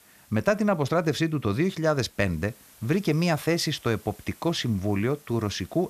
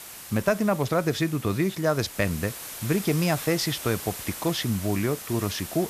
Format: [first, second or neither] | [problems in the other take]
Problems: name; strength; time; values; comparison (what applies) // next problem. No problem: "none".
first | hiss; loud; throughout; 10 dB below the speech; faint in the first